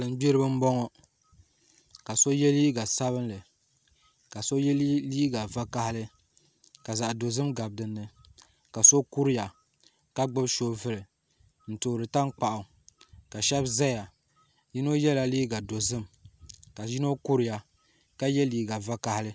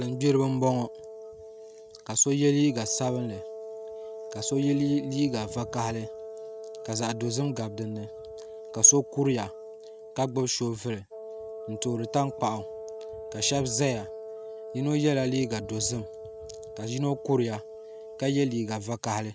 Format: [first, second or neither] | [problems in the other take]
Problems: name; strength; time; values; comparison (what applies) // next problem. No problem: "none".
first | background sound (Wind instrument, woodwind instrument); 12 dB below the speech